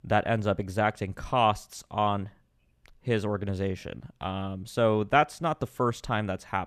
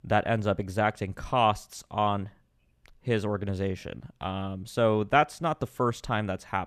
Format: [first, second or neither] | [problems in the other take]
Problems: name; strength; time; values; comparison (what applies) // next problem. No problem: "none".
neither | none